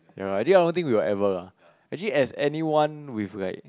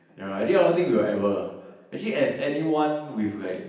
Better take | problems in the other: first | room echo; dies away in 0.9 s

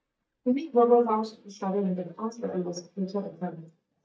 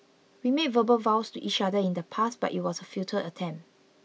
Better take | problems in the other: second | noise reduction (neural mask model DeepFilterNet 3)

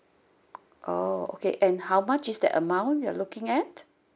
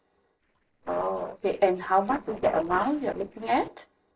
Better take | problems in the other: first | noise reduction (neural separator model SepFormer DNS4)

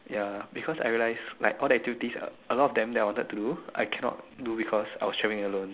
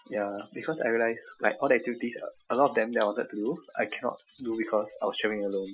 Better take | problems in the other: first | noise reduction (classical method Wiener filter)

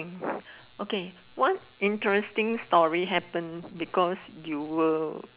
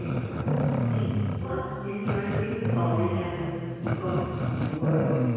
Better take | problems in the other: first | background sound (Growling); 5 dB above the speech // room echo; dies away in 2 s

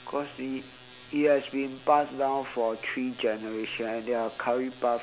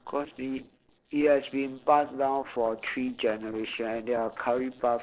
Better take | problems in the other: first | noise reduction (neural separator model SepFormer DNS4)

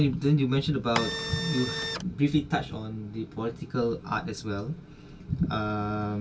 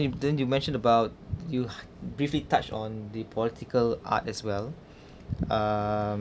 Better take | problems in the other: second | background sound (Printer); 3 dB below the speech // room echo; dies away in 0.1 s

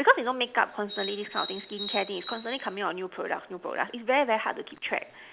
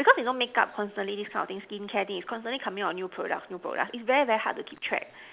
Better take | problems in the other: second | background sound (Bird); 8 dB below the speech

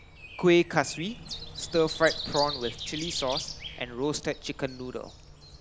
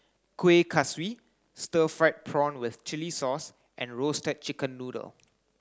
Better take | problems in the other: second | background sound (Bird + Breathing); 10 dB below the speech

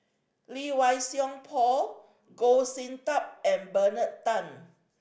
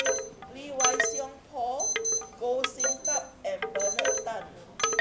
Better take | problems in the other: first | background sound (Alarm + Wind chime / Wood); 5 dB above the speech

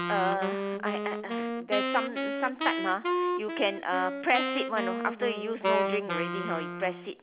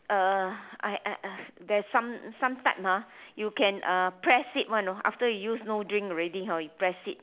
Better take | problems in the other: second | background sound (Wind instrument, woodwind instrument); as loud as the speech

